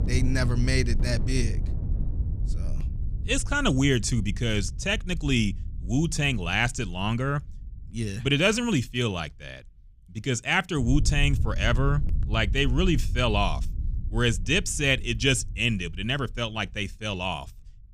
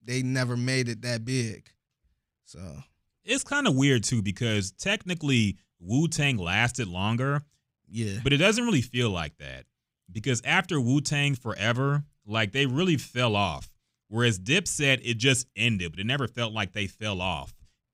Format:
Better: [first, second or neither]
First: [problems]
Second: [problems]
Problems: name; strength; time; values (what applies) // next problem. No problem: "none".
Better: second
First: rain or running water; loud; throughout; 6 dB below the speech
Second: none